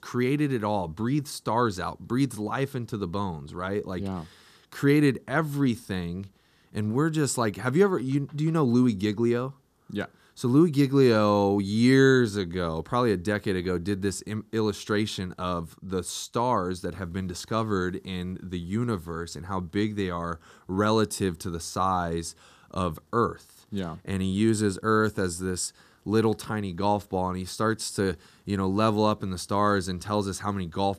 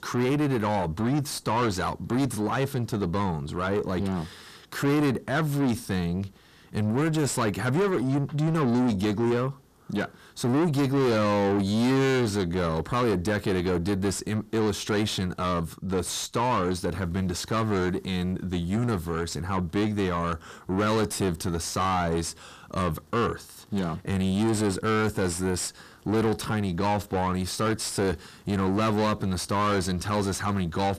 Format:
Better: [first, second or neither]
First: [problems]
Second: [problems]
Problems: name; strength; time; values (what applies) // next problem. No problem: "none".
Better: first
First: none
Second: distortion; heavy; 6 dB below the speech